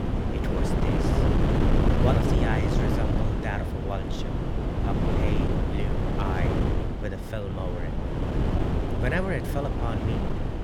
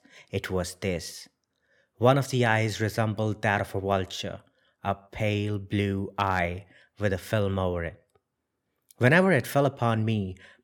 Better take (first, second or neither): second